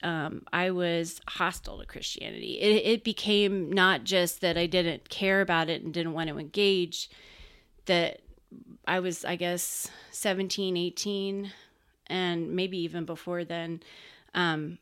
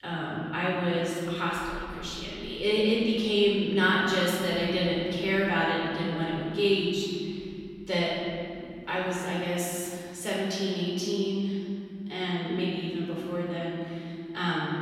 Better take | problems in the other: first | off-mic speech; far // room echo; strong; dies away in 3 s

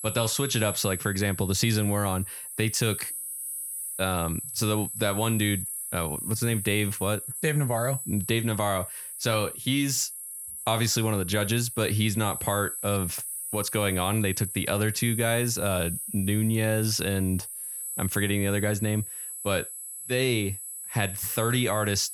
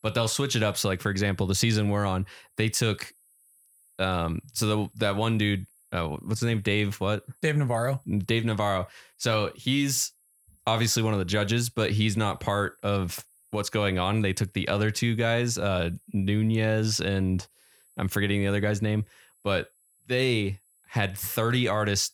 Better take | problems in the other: second | high-pitched whine; loud; throughout; 10 kHz, 6 dB below the speech; faint in the second

